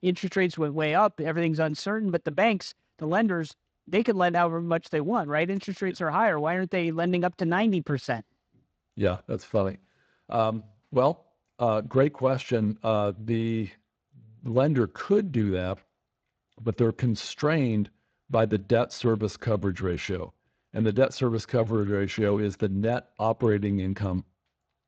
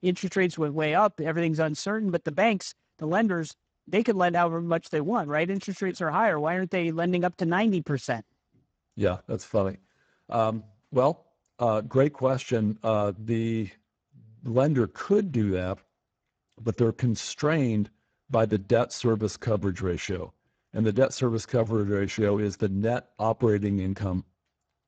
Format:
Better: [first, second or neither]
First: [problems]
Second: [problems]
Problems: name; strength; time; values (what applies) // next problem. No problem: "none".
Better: first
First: garbled, watery; slightly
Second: garbled, watery; badly; nothing above 7.5 kHz